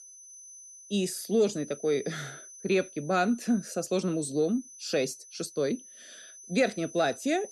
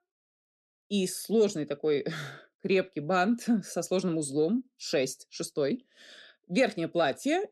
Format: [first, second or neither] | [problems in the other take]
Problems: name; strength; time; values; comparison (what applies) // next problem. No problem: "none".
second | high-pitched whine; noticeable; throughout; 6 kHz, 15 dB below the speech